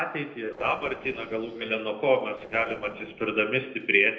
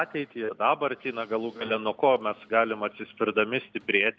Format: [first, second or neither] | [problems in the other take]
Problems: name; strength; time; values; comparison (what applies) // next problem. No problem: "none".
second | noise reduction (neural separator model SepFormer DNS4)